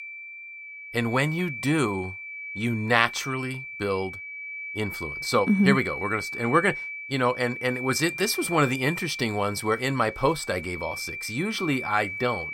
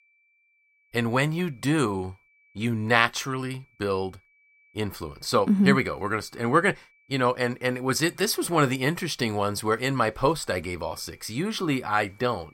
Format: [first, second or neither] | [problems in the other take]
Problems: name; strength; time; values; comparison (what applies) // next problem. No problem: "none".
second | high-pitched whine; loud; throughout; 2.5 kHz, 8 dB below the speech; faint in the second